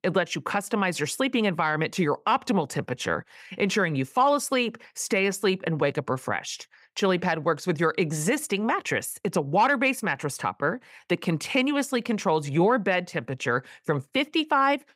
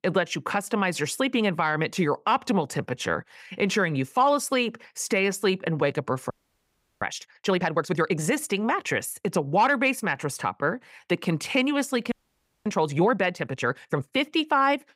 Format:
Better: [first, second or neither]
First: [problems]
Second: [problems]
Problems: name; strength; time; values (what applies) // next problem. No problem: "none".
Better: first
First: none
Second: audio freezing; at 6.5 s for 0.5 s and at 12 s for 0.5 s